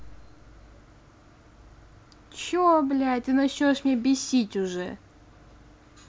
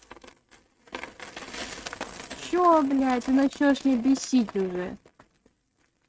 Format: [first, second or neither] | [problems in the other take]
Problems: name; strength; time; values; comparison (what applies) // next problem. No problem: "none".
first | noise reduction (neural mask model RNNoise)